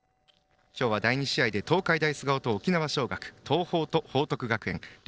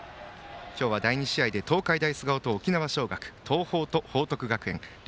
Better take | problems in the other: second | noise reduction (neural separator model SepFormer DNS4)

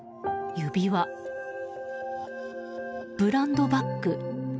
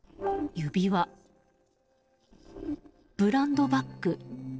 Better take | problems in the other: first | noise reduction (neural separator model SepFormer DNS4)

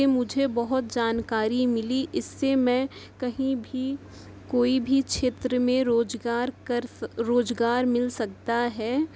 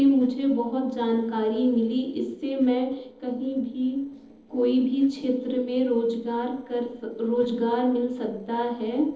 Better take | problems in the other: first | noise reduction (neural separator model SepFormer DNS4)

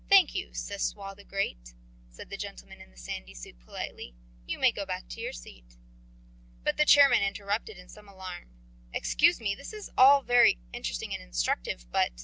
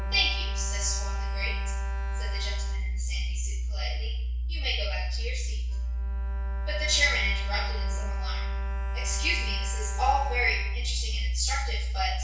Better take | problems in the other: first | background sound (Bowed string instrument); 18 dB below the speech // room echo; dies away in 0.6 s

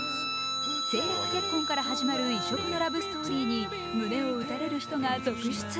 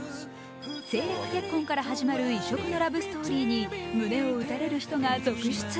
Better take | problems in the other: second | background sound (Guitar); 3 dB below the speech

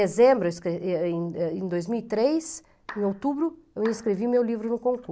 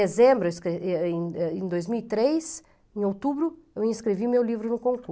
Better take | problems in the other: second | background sound (Clapping); 20 dB below the speech

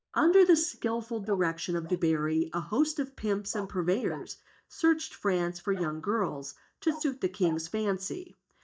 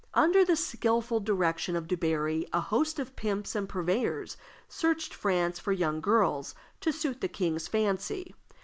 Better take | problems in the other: second | noise reduction (neural mask model DeepFilterNet 3)

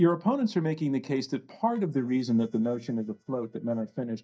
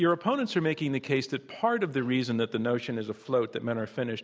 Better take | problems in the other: second | noise reduction (neural mask model DeepFilterNet 3)

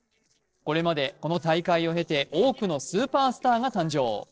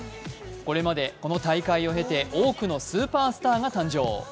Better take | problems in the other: second | noise reduction (neural separator model SepFormer DNS4)

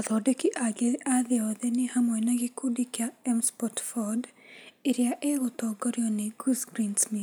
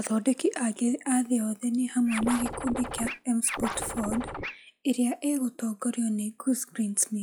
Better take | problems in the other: first | noise reduction (classical method log-MMSE)

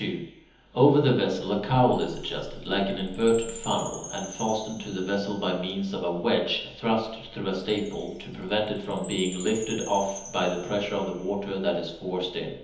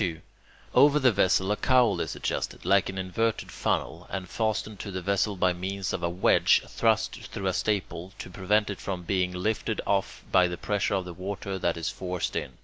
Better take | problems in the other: second | background sound (Chime); 20 dB below the speech // room echo; dies away in 1.3 s

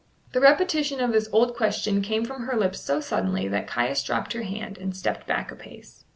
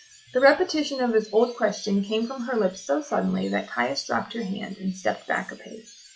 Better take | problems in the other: first | noise reduction (classical method log-MMSE)

